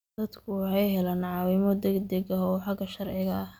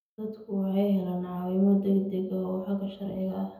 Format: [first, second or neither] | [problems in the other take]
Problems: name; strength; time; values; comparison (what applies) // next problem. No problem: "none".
first | room echo; dies away in 0.7 s